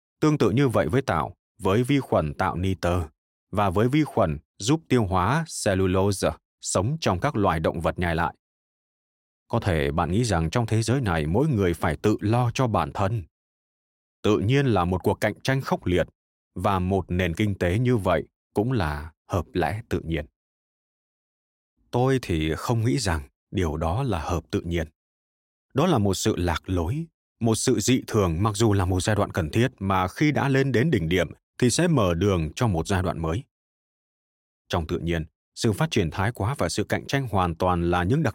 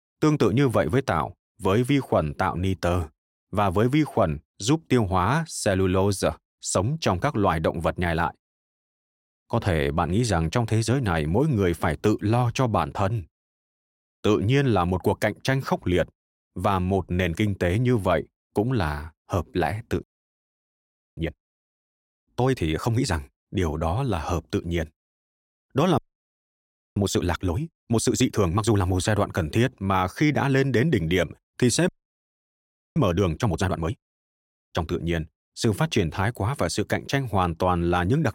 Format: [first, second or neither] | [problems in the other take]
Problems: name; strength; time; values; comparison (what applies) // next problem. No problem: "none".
first | audio freezing; at 20 s for 1 s, at 26 s for 1 s and at 32 s for 1 s